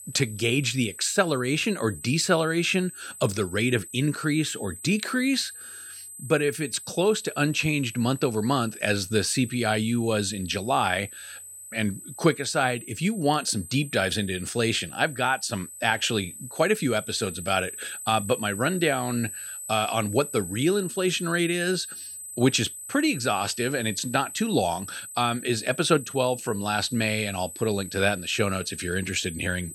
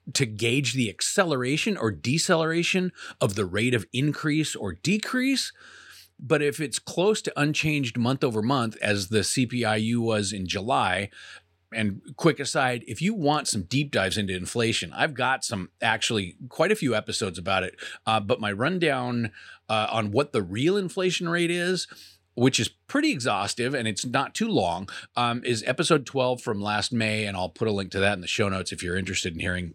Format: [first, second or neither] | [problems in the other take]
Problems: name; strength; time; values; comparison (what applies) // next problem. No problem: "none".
second | high-pitched whine; noticeable; throughout; 8 kHz, 10 dB below the speech